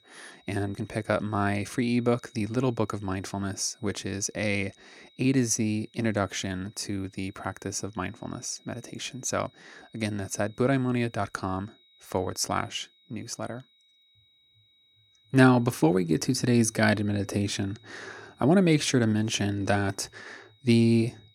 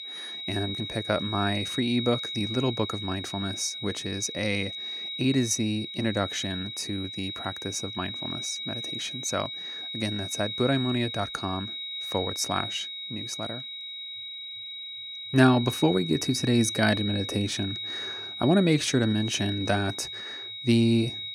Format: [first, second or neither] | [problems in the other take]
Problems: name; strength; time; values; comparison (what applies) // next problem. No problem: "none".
first | high-pitched whine; loud; throughout; 4 kHz, 6 dB below the speech; faint in the first